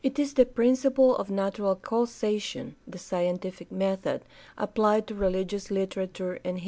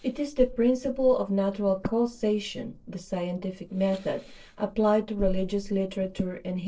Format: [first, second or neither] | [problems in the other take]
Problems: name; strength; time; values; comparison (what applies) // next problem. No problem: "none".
first | noise reduction (neural separator model SepFormer DNS4)